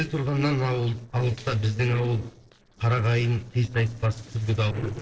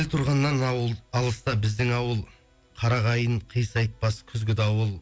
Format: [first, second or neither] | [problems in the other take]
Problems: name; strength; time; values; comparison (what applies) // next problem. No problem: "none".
second | noise reduction (neural separator model SepFormer DNS4)